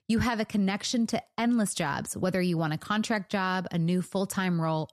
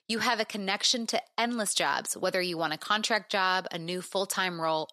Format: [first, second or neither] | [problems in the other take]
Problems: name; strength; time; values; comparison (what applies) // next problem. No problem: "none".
first | thin; somewhat; fading below 450 Hz